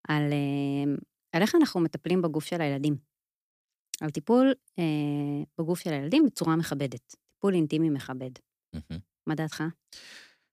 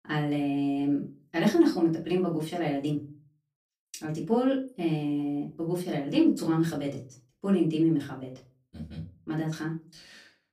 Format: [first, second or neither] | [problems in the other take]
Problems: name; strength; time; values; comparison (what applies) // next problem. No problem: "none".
first | off-mic speech; far // room echo; very slight; dies away in 0.3 s